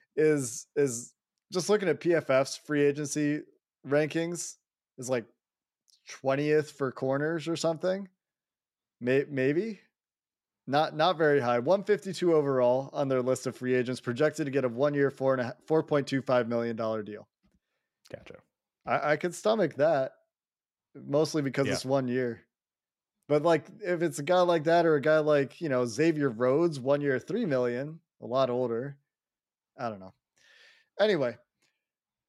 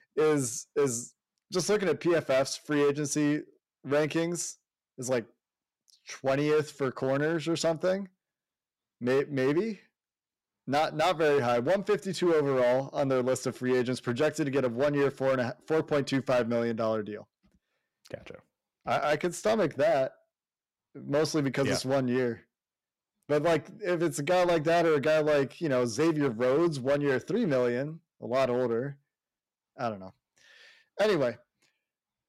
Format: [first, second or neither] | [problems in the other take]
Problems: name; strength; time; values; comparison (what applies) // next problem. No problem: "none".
first | distortion; slight; 8% of the sound clipped